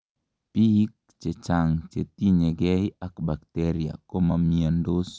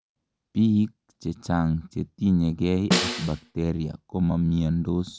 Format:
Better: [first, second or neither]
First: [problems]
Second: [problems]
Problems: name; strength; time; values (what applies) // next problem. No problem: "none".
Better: first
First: none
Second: background sound (Snare drum); 2 dB below the speech